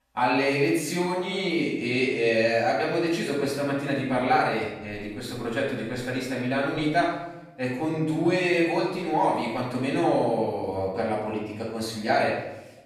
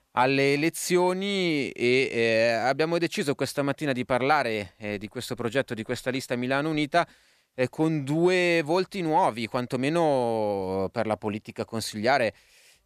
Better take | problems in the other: second | off-mic speech; far // room echo; noticeable; dies away in 0.8 s

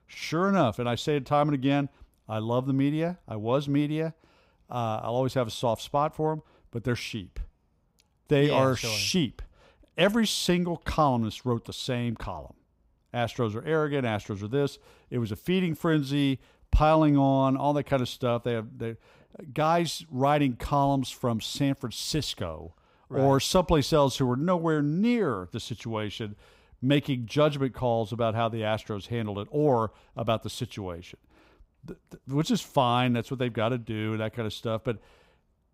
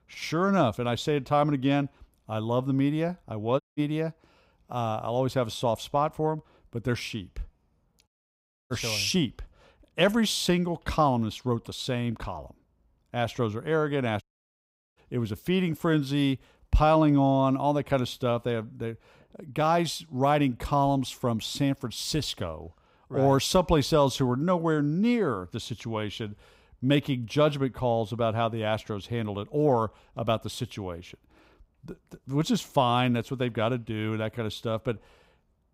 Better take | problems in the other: first | audio cutting out; at 3.5 s, at 8 s for 0.5 s and at 14 s for 0.5 s

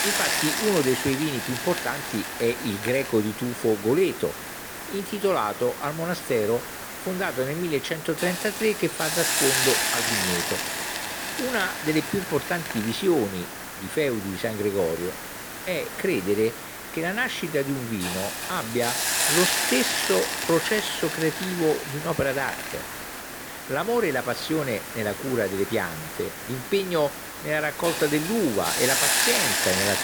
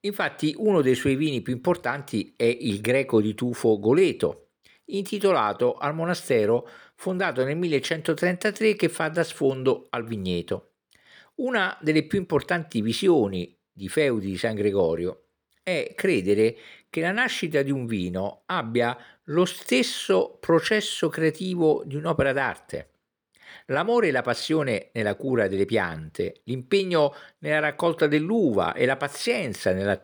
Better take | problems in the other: second | hiss; loud; throughout; 1 dB below the speech

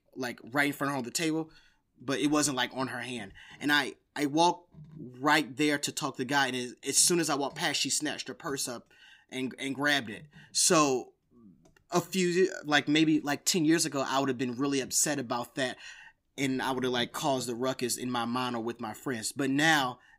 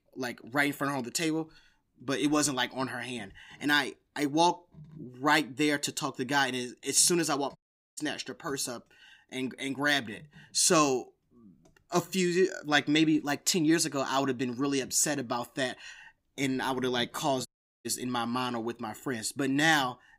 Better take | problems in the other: first | audio cutting out; at 7.5 s and at 17 s

